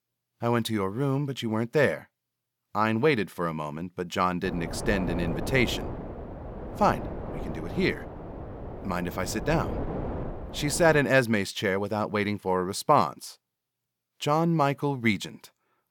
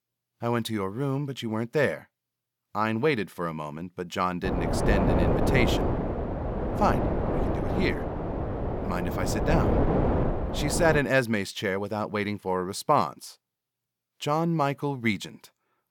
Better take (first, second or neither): first